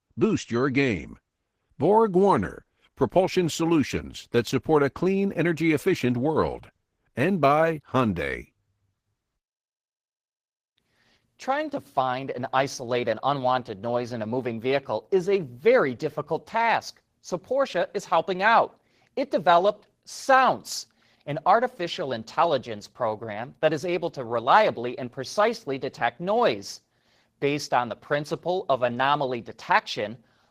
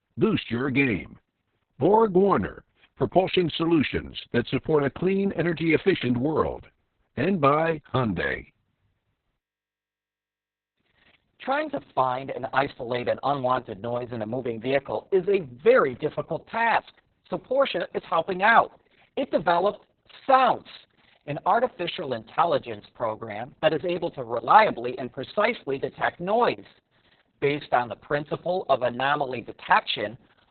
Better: first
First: garbled, watery; slightly; nothing above 15 kHz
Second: garbled, watery; badly; nothing above 4 kHz

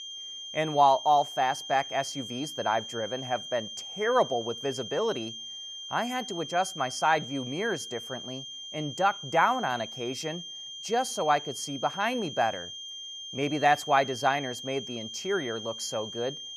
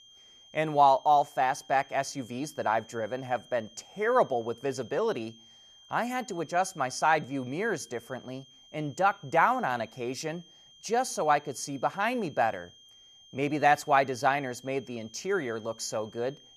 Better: second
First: high-pitched whine; loud; throughout; 3 kHz, 9 dB below the speech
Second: high-pitched whine; faint; throughout; 3 kHz, 25 dB below the speech

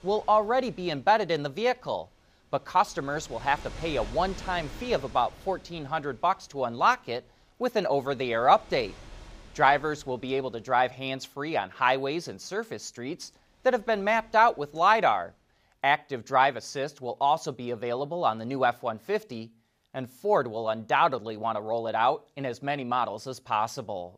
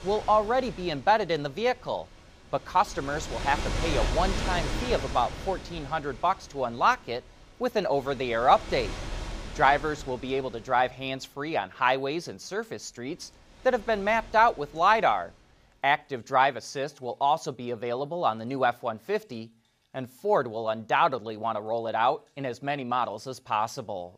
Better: first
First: rain or running water; faint; throughout; 20 dB below the speech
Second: rain or running water; loud; throughout; 9 dB below the speech

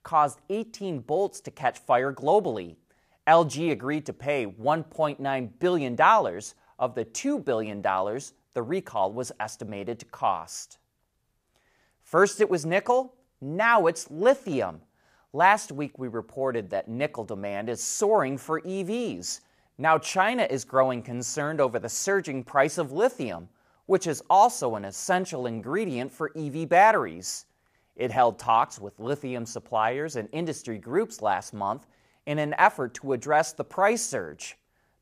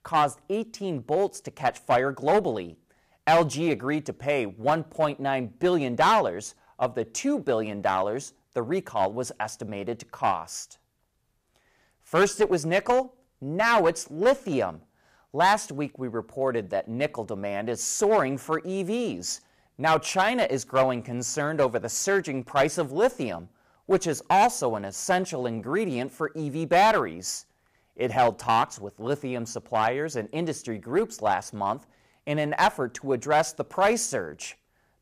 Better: first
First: none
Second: distortion; slight; 3% of the sound clipped

